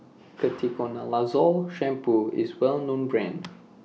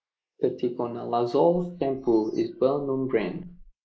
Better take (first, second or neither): first